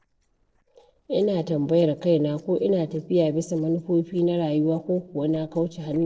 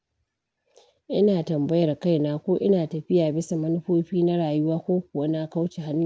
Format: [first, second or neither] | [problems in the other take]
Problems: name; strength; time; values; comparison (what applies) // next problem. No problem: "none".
second | noise reduction (neural separator model SepFormer DNS4)